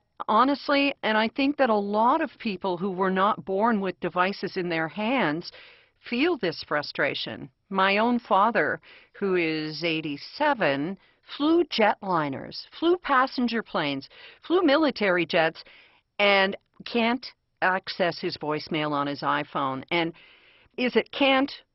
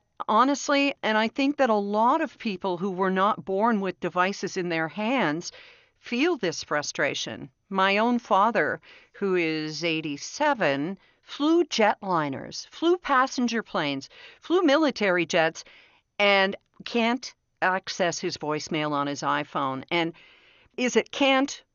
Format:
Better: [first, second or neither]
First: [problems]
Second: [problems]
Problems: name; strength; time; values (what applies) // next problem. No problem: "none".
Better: second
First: garbled, watery; badly; nothing above 5.5 kHz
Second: garbled, watery; slightly; nothing above 6.5 kHz